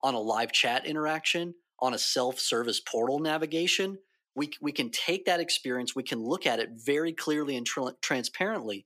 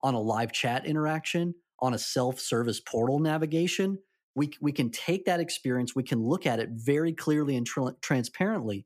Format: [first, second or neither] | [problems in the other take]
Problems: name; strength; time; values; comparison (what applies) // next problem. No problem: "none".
second | thin; somewhat; fading below 350 Hz